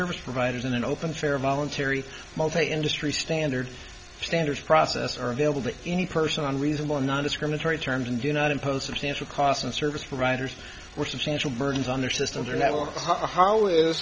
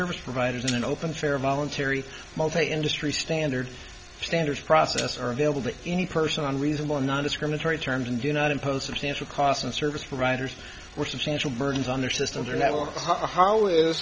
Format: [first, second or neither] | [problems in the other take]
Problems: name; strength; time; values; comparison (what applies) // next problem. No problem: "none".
first | background sound (Shatter); 17 dB below the speech